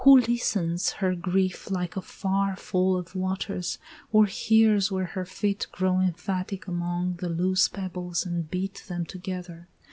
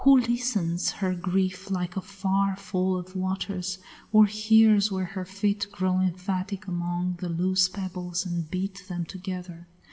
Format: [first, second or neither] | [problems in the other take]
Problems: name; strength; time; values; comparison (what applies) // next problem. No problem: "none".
first | room echo; dies away in 0.8 s